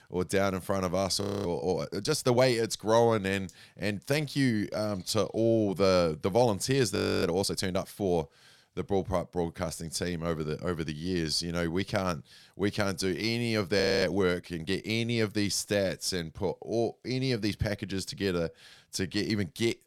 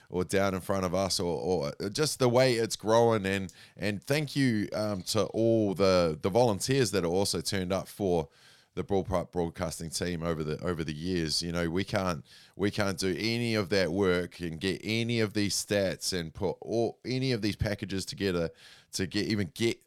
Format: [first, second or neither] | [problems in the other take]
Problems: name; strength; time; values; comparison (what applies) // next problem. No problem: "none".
second | audio freezing; at 1 s, at 7 s and at 14 s